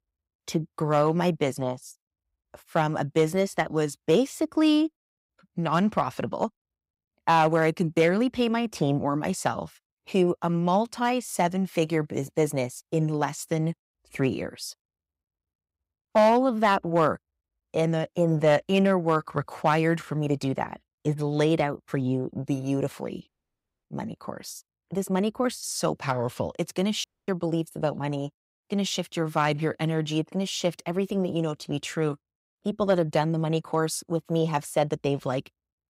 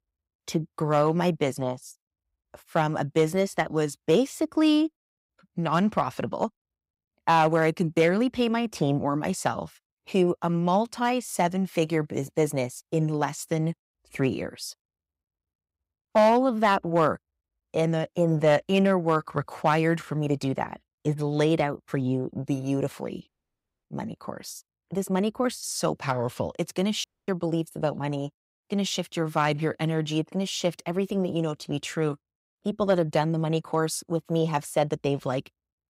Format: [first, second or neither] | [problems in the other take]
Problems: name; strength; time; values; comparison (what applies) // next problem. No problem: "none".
neither | audio cutting out; at 23 s for 0.5 s and at 27 s; the same in both